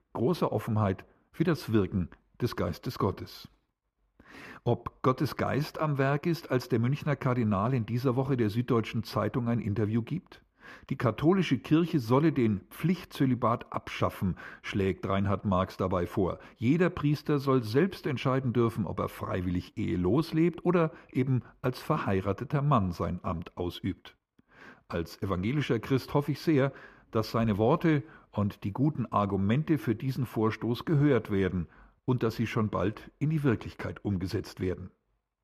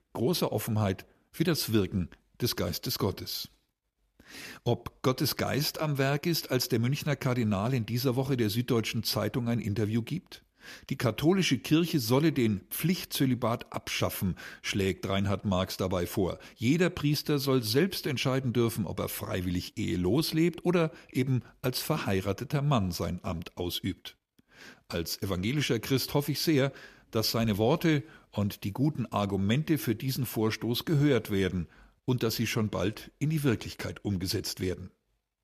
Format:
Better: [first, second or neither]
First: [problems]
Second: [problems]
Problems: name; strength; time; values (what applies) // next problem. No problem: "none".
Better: second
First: muffled; slightly; fading above 3 kHz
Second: none